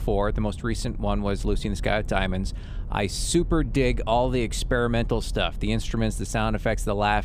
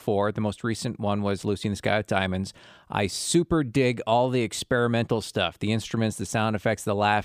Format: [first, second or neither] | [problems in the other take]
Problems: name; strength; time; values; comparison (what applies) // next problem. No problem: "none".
second | low rumble; faint; throughout; 25 dB below the speech